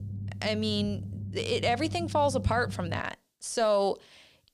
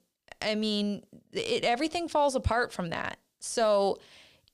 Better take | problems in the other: second | low rumble; faint; until 3 s; 20 dB below the speech

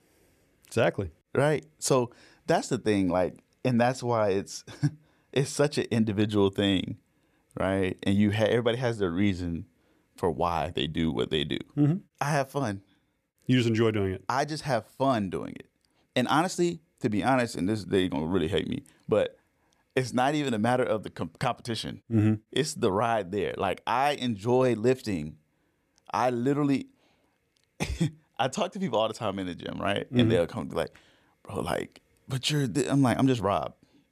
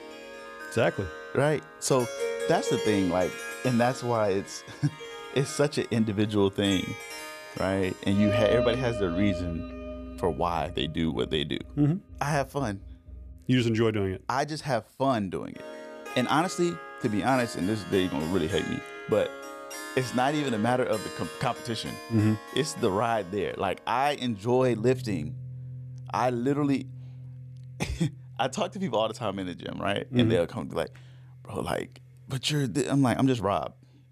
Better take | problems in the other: first | background music; loud; throughout; 10 dB below the speech

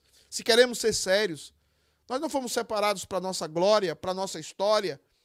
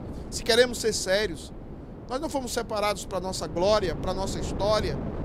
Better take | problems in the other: first | wind noise on the microphone; occasional gusts; 15 dB below the speech

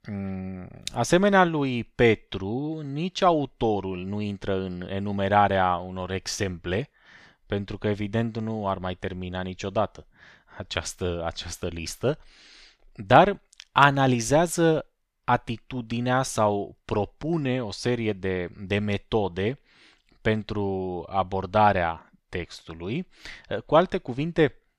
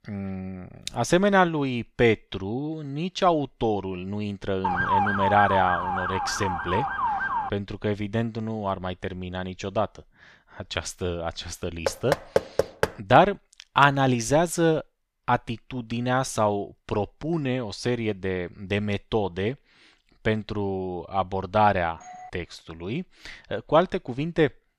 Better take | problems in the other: first | siren; loud; from 4.5 to 7.5 s; peak 3 dB above the speech // door banging; loud; from 12 to 13 s; peak level with the speech // doorbell; faint; at 22 s; peak 20 dB below the speech

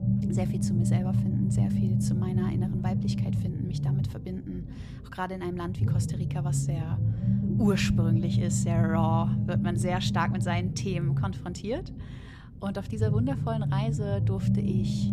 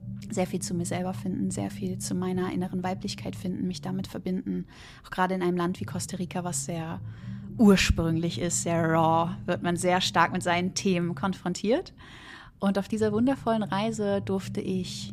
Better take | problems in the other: second | low rumble; loud; throughout; 2 dB below the speech; faint in the second

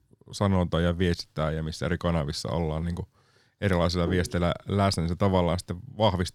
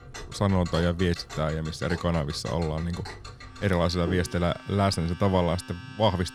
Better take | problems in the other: first | household noises; noticeable; throughout; 15 dB below the speech

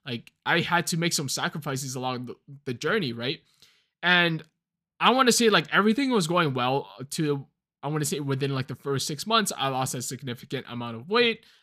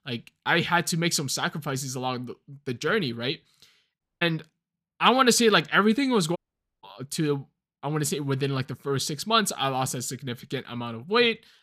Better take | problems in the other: first | audio cutting out; at 4 s and at 6.5 s

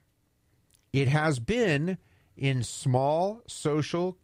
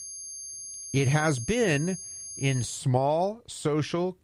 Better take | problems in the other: first | high-pitched whine; loud; until 3 s; 6.5 kHz, 10 dB below the speech

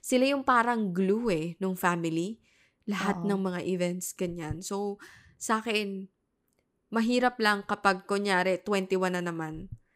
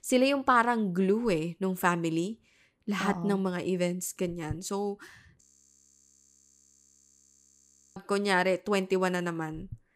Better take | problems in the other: first | audio freezing; at 5.5 s for 2.5 s

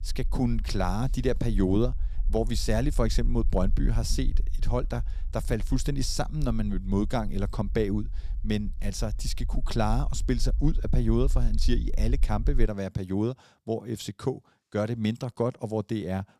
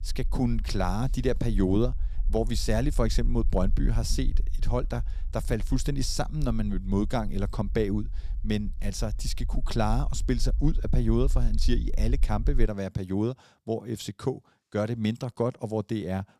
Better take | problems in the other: neither | low rumble; faint; until 13 s; 25 dB below the speech; the same in both

